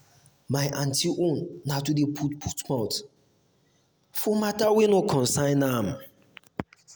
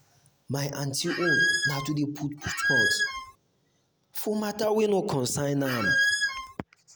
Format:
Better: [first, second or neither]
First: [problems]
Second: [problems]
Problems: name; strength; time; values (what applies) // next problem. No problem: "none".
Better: first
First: none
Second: background sound (Squeak); 4 dB above the speech